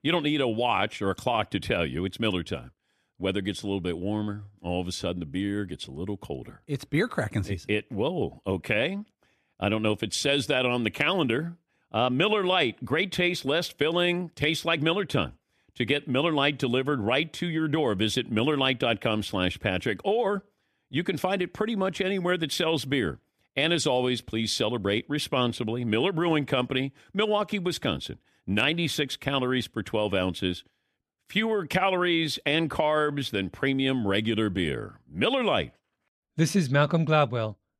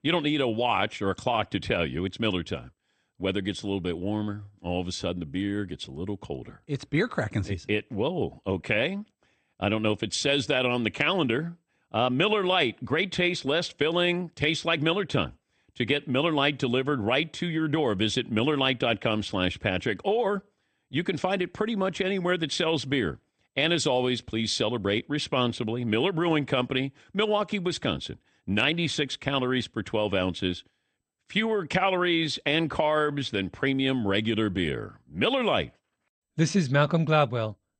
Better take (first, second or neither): first